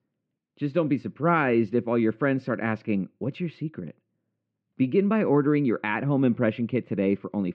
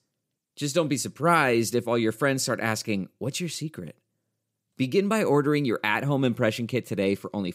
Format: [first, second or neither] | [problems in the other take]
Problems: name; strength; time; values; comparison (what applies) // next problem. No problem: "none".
second | muffled; very; fading above 2.5 kHz